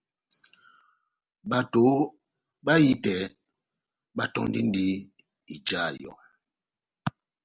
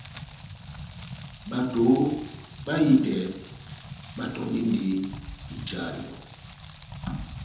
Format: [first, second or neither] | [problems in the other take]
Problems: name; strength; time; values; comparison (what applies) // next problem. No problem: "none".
first | background sound (Rain); 13 dB below the speech // room echo; dies away in 0.9 s